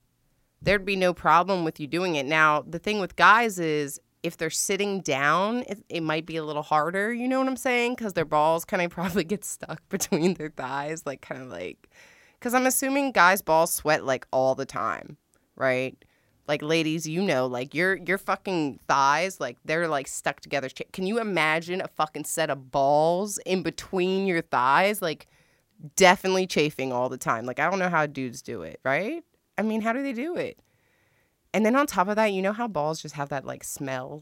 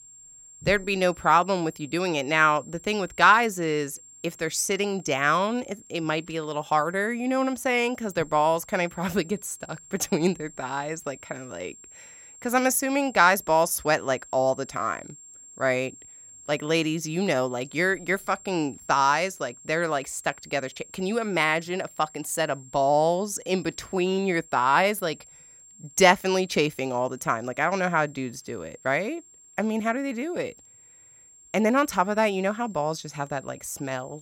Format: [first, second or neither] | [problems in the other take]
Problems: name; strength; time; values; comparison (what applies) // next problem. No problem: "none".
first | high-pitched whine; faint; throughout; 7.5 kHz, 20 dB below the speech